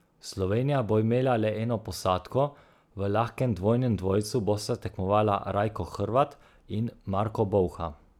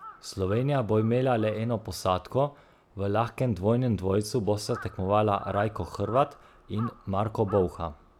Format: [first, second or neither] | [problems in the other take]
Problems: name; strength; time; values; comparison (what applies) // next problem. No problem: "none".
first | background sound (Crow); 20 dB below the speech